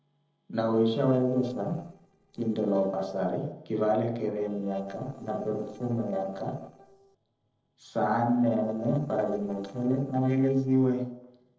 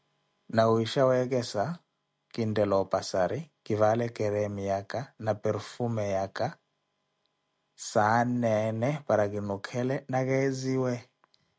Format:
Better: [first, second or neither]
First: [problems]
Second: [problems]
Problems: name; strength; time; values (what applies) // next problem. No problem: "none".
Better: second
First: noise reduction (neural separator model SepFormer DNS4)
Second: none